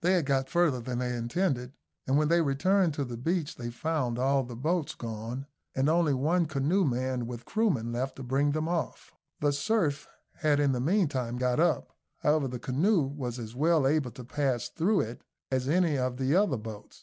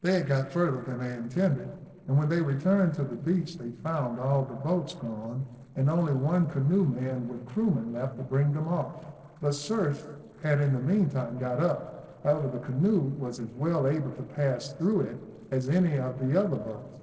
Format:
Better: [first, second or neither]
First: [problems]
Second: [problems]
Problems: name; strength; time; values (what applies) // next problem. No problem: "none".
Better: first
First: none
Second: noise reduction (neural separator model SepFormer DNS4)